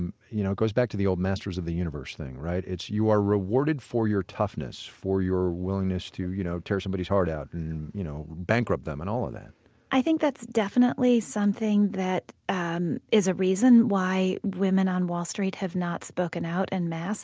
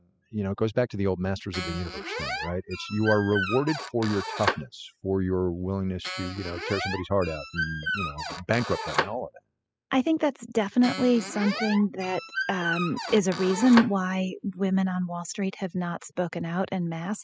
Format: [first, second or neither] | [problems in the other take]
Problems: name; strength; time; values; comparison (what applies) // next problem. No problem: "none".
first | noise reduction (classical method spectral subtraction)